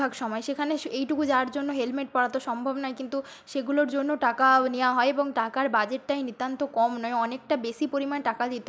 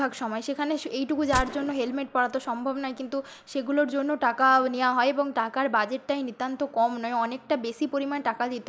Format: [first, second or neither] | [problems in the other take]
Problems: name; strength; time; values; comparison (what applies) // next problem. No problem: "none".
first | background sound (Gunshot, gunfire); 13 dB below the speech